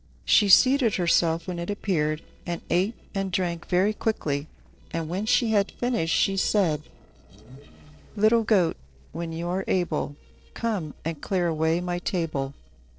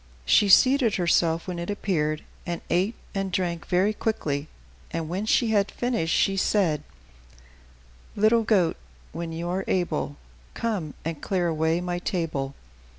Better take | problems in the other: second | noise reduction (neural separator model SepFormer DNS4)

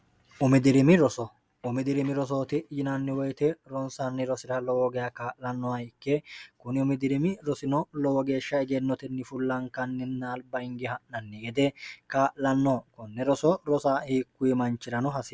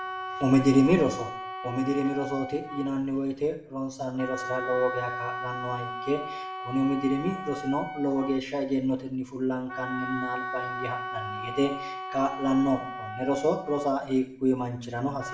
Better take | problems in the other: first | background sound (Wind instrument, woodwind instrument); 9 dB below the speech // room echo; dies away in 0.6 s

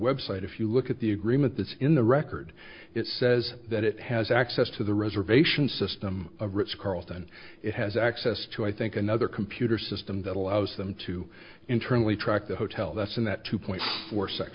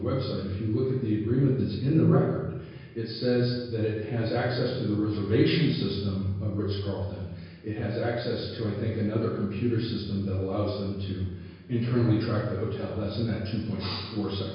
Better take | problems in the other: first | room echo; dies away in 1 s

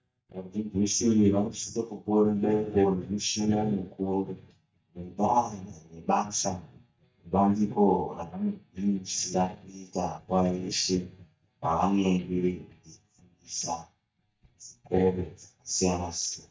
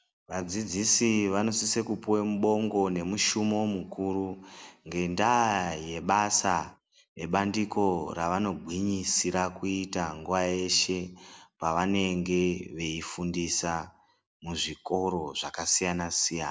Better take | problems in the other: second | noise reduction (neural mask model DeepFilterNet 3)

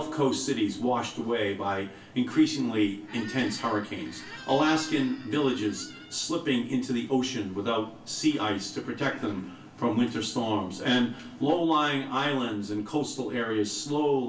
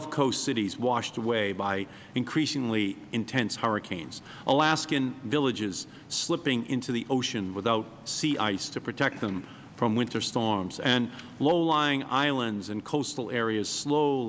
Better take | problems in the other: second | background sound (Squeak); 18 dB below the speech // room echo; dies away in 0.3 s

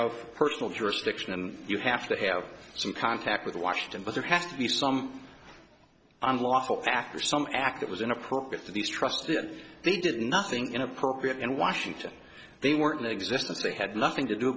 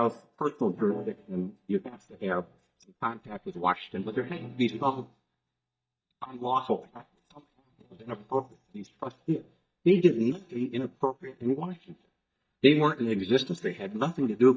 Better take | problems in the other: first | noise reduction (neural mask model DeepFilterNet 3)

